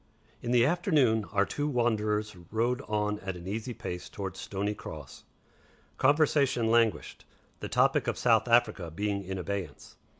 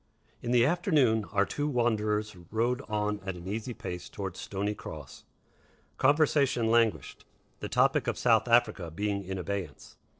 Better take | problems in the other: first | noise reduction (neural separator model SepFormer DNS4)

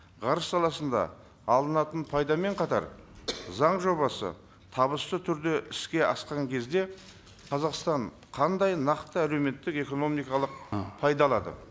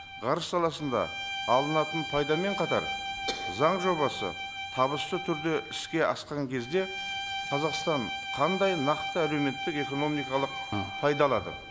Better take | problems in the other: first | background sound (Bowed string instrument); 7 dB below the speech

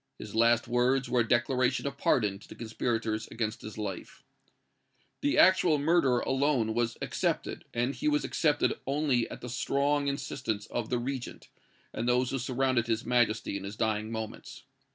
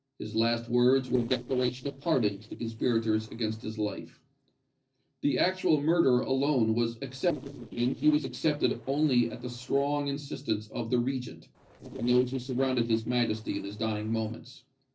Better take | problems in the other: first | noise reduction (neural separator model SepFormer DNS4)

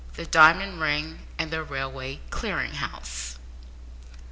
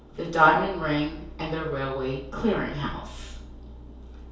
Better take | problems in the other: first | room echo; dies away in 2.4 s

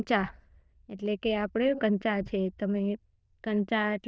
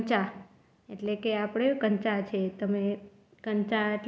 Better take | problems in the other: second | noise reduction (neural diffusion model UNIVERSE++)

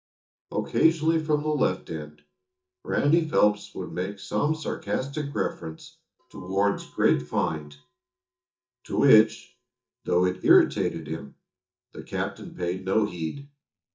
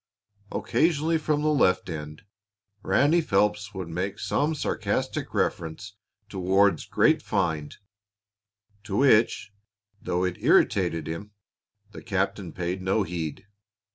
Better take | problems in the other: second | noise reduction (neural mask model DeepFilterNet 3)

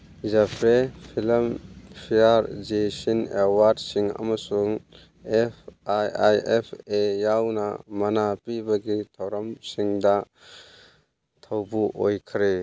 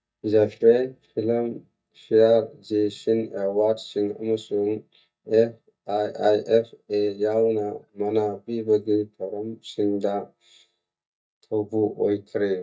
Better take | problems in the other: first | noise reduction (neural mask model DeepFilterNet 3)

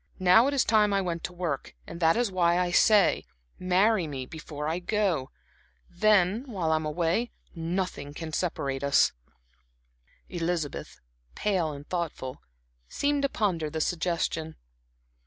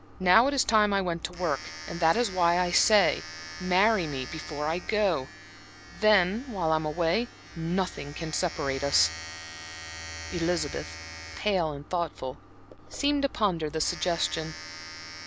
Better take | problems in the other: first | background sound (Domestic sounds, home sounds); 14 dB below the speech

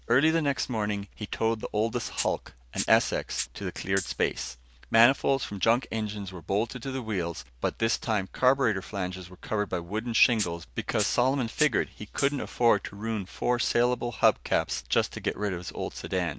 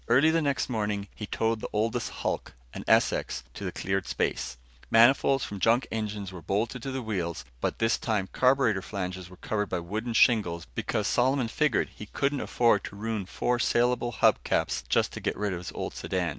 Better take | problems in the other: second | background sound (Rattle (instrument)); 13 dB below the speech

